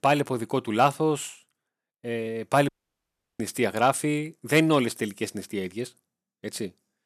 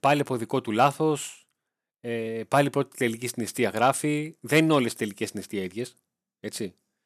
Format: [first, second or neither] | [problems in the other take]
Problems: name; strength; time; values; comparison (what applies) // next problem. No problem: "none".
second | audio cutting out; at 2.5 s for 0.5 s